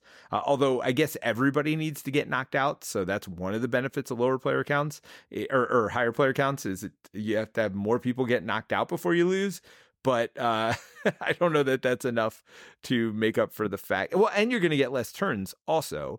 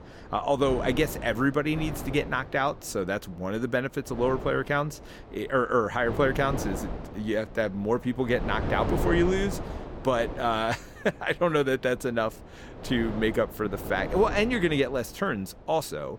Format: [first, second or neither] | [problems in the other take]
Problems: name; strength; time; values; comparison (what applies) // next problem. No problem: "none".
first | wind noise on the microphone; occasional gusts; 10 dB below the speech